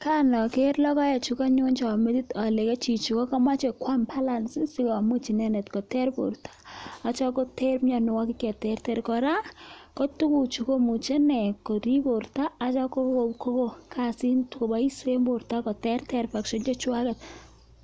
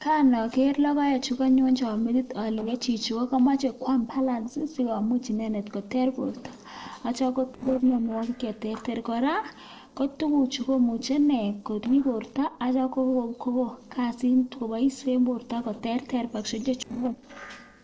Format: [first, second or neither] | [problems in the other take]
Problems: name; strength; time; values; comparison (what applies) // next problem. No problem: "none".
first | noise reduction (neural separator model SepFormer DNS4)